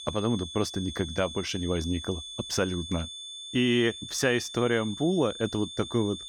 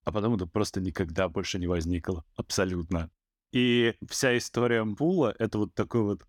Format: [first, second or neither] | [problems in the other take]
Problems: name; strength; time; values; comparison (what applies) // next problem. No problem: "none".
second | high-pitched whine; loud; throughout; 3.5 kHz, 10 dB below the speech